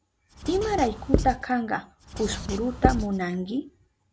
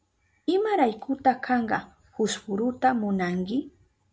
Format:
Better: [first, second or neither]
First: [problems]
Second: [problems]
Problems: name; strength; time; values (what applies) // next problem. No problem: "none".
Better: second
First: background sound (Writing); 1 dB below the speech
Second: none